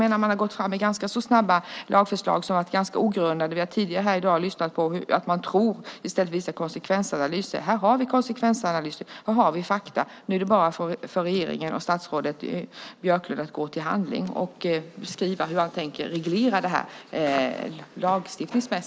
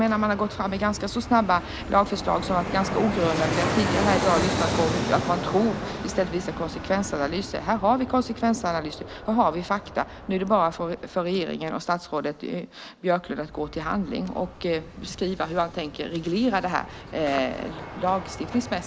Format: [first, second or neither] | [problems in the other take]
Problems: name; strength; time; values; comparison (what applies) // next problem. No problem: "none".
first | background sound (Fixed-wing aircraft, airplane); 7 dB below the speech